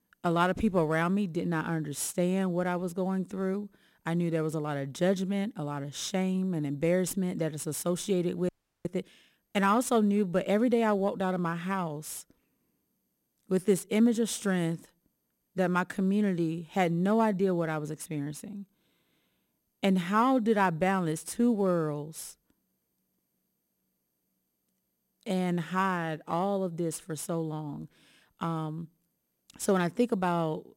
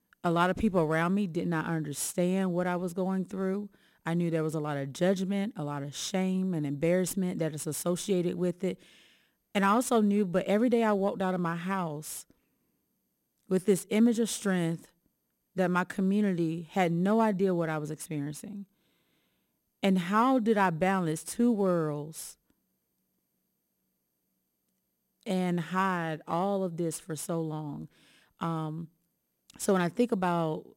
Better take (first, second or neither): second